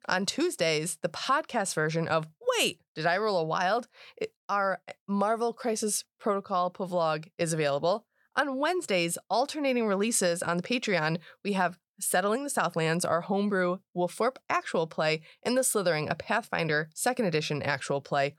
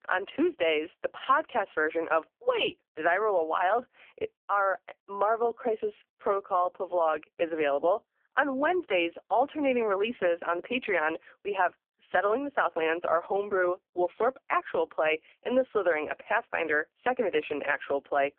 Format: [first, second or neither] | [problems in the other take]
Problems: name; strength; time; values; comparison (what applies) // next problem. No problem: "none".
first | phone-call audio; poor line; nothing above 3 kHz